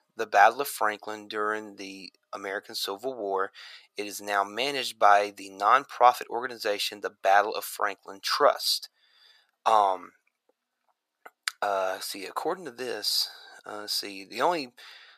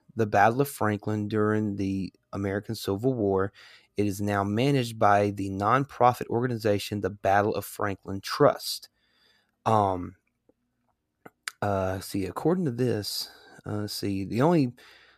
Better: second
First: thin; very; fading below 750 Hz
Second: none

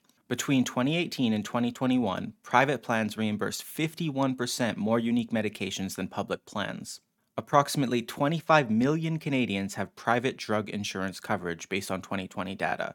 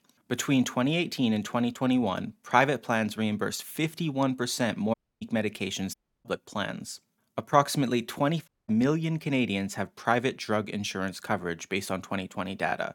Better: first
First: none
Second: audio cutting out; at 5 s, at 6 s and at 8.5 s

